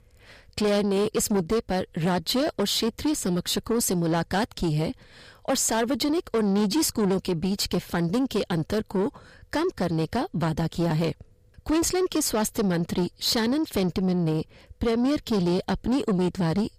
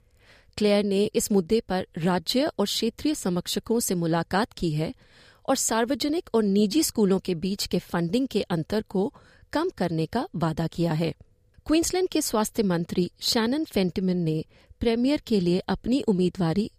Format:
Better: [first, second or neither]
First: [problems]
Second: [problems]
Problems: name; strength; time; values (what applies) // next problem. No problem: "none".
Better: second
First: distortion; slight; 10 dB below the speech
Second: none